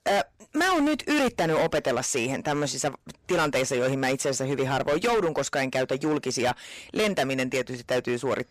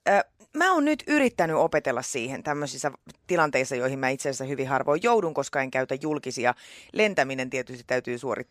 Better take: second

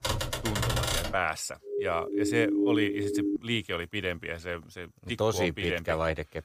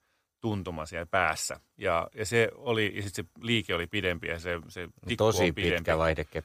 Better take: second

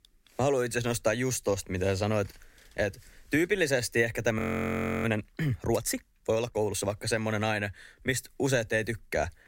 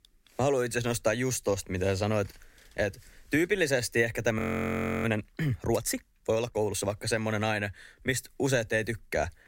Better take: neither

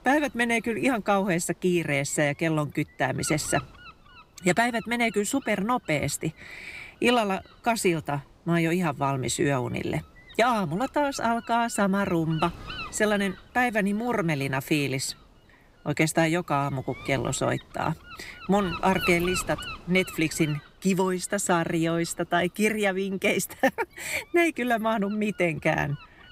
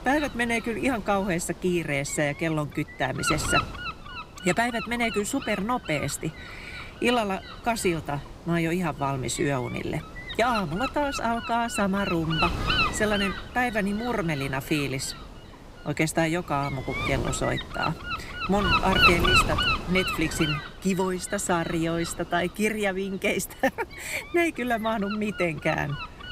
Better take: first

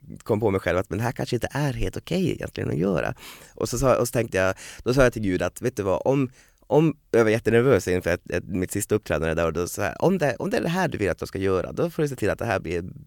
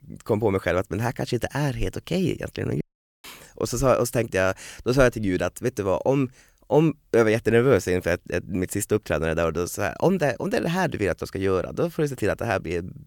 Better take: first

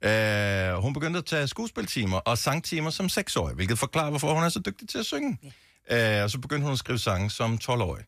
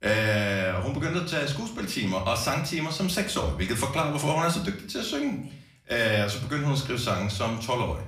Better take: first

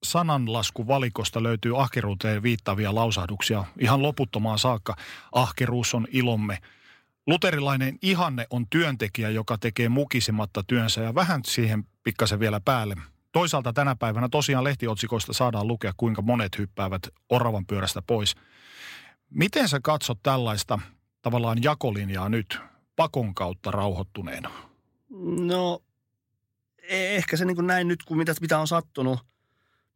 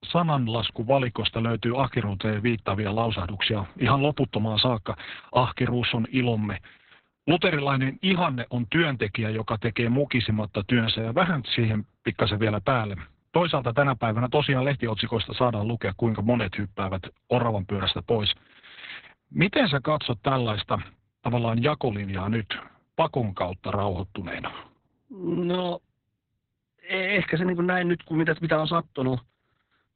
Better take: first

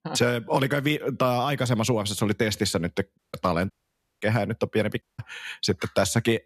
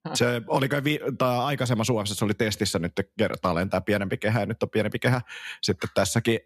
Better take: second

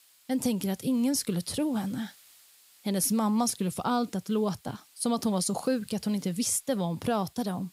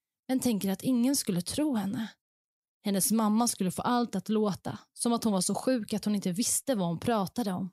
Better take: second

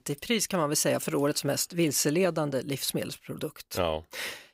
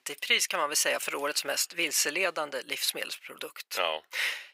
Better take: first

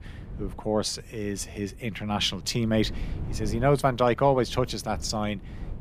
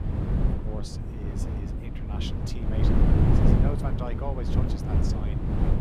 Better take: first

